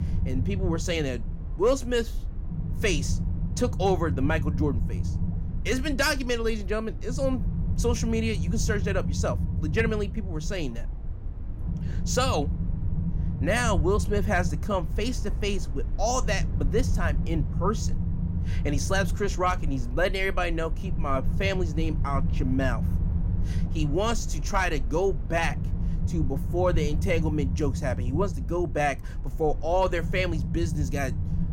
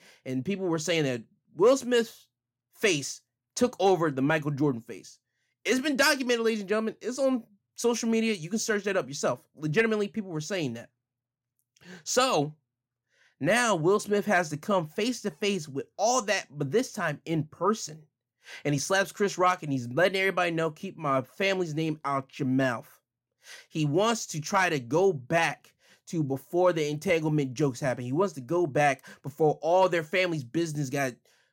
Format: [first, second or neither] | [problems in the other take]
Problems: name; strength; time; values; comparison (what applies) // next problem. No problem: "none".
second | low rumble; noticeable; throughout; 15 dB below the speech